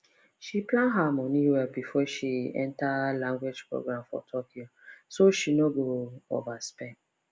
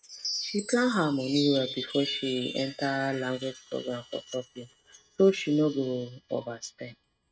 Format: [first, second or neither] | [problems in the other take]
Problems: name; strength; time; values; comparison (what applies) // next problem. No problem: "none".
first | noise reduction (neural mask model RNNoise)